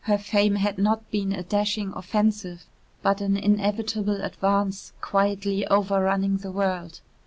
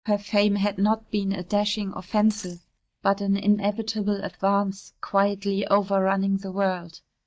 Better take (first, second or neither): first